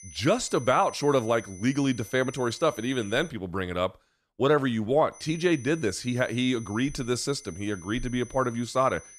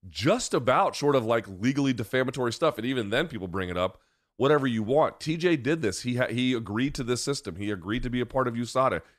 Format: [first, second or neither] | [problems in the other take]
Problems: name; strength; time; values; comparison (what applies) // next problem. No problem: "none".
second | high-pitched whine; noticeable; until 3.5 s and from 5 s on; 6 kHz, 20 dB below the speech